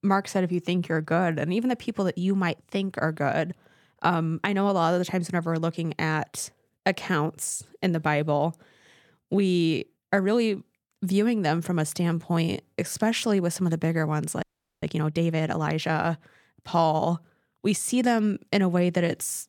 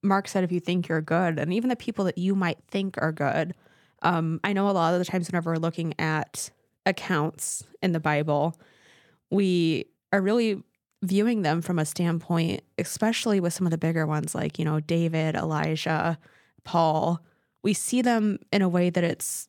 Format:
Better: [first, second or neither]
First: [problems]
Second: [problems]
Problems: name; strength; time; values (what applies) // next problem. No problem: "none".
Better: second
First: audio freezing; at 14 s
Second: none